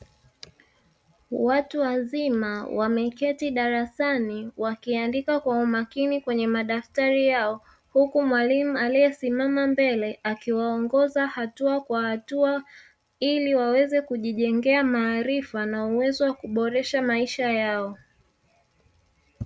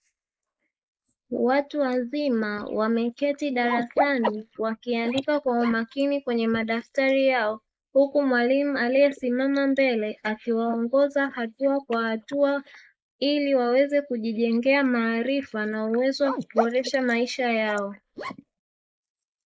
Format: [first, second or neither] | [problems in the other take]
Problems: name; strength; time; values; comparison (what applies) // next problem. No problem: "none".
first | noise reduction (neural mask model Resemble Enhance denoiser)